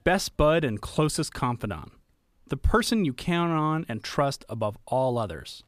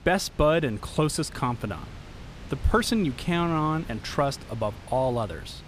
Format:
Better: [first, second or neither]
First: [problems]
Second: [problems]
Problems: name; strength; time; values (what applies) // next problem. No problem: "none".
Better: first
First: none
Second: wind noise on the microphone; occasional gusts; 20 dB below the speech